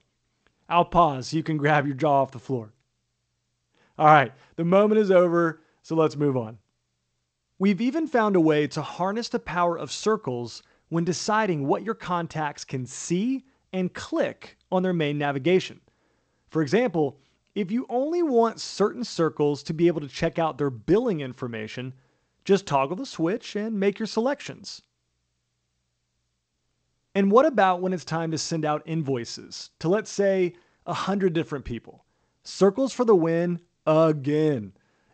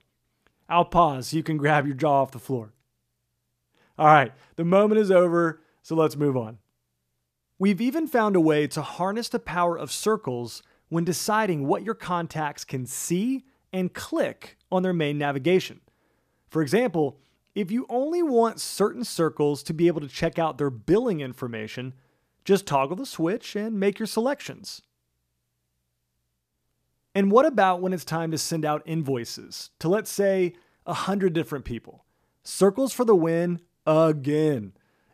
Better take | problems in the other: second | garbled, watery; slightly; nothing above 8 kHz

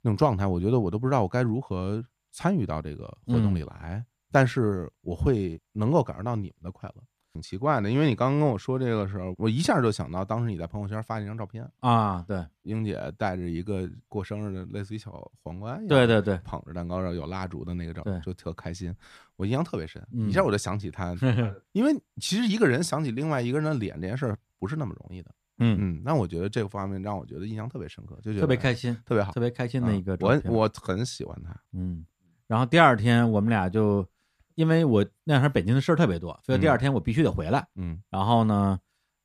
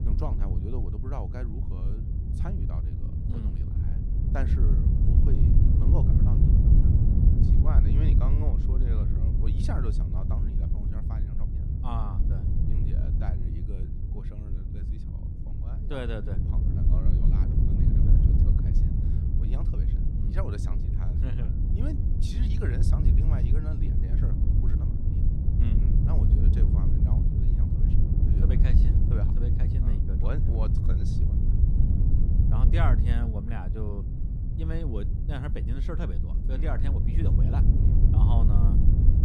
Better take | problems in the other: first | wind noise on the microphone; heavy; 1 dB above the speech

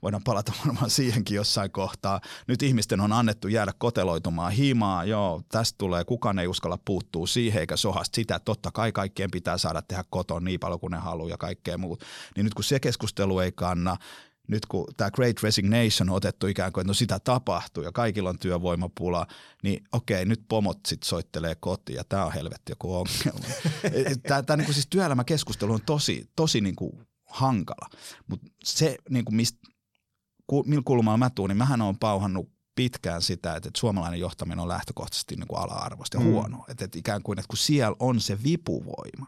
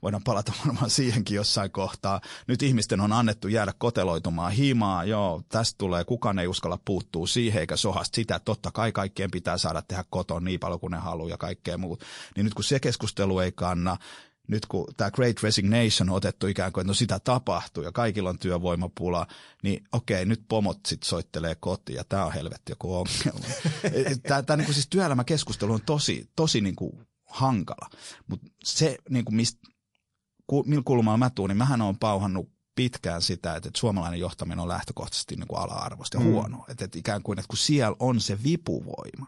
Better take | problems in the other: first | garbled, watery; slightly; nothing above 11 kHz

